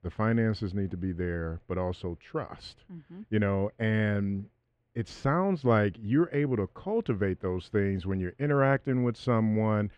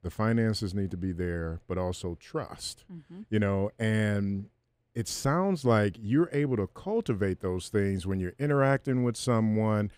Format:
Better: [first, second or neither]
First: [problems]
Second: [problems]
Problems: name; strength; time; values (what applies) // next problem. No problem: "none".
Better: second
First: muffled; slightly; fading above 2.5 kHz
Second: none